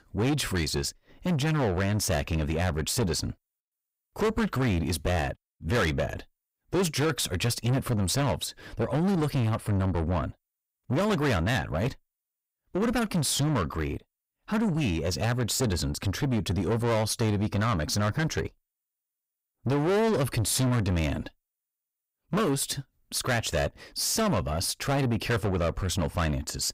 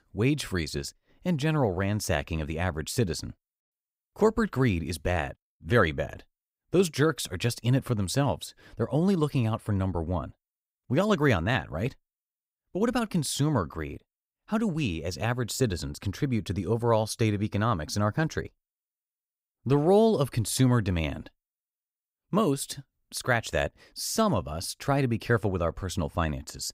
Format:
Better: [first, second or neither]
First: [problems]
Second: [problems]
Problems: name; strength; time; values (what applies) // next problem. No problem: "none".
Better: second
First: distortion; heavy; 6 dB below the speech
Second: none